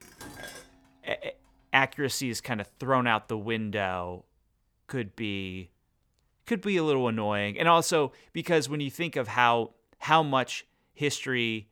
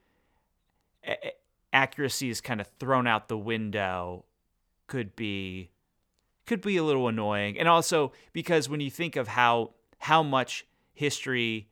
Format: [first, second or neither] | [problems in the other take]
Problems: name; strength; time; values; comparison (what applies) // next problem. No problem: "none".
second | clattering dishes; faint; at the start; peak 15 dB below the speech